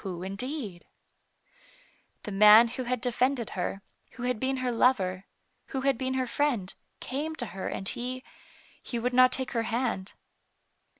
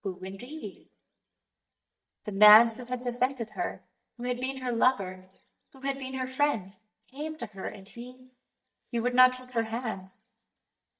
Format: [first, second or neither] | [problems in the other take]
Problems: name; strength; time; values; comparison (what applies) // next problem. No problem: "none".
first | noise reduction (neural mask model DeepFilterNet 3)